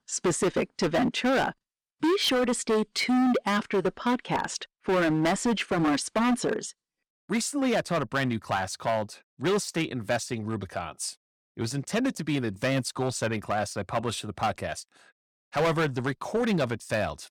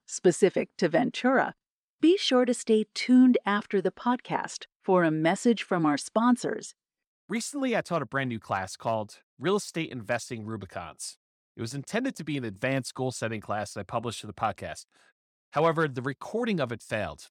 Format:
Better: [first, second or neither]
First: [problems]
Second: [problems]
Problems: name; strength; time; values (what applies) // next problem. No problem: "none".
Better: second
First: distortion; heavy; 12% of the sound clipped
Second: none